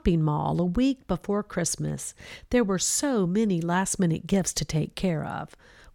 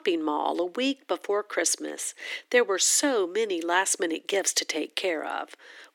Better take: first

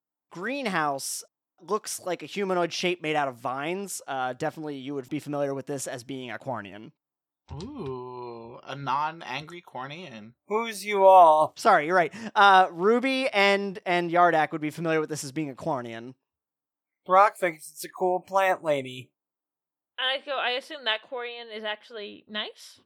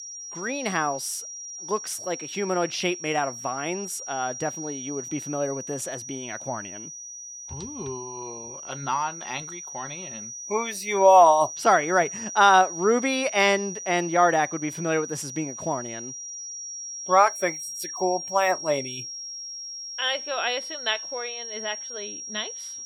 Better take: first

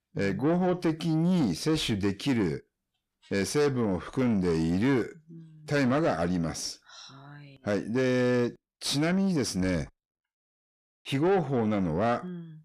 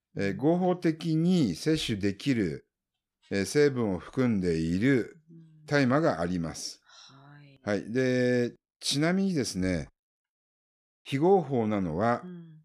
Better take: second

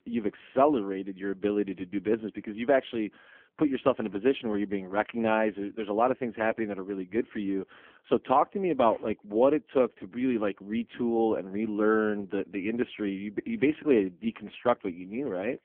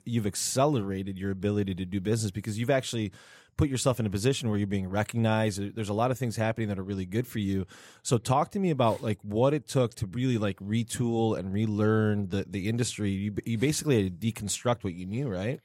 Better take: second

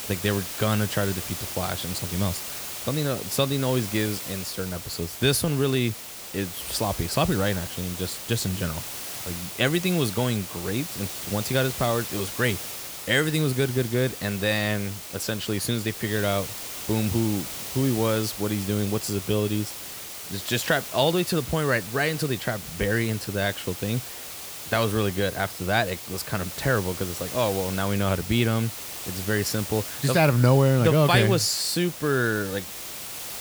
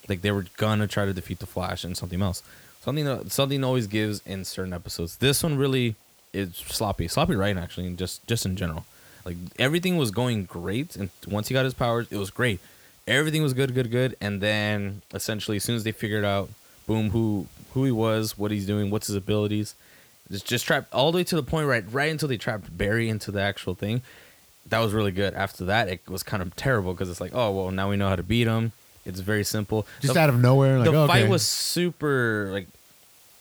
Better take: second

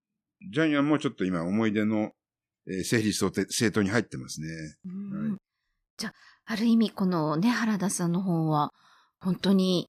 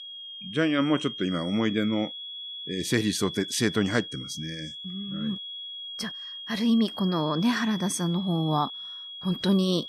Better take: first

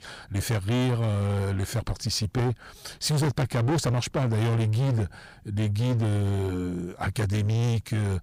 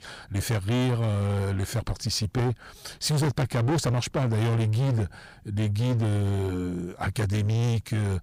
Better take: neither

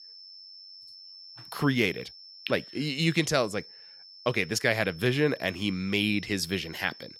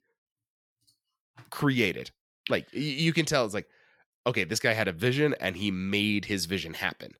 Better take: second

